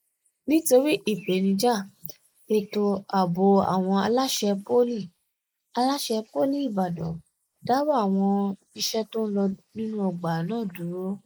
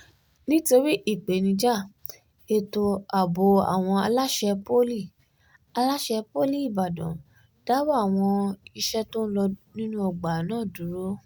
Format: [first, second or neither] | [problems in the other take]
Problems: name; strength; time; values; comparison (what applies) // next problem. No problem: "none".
second | noise reduction (neural mask model Resemble Enhance denoiser)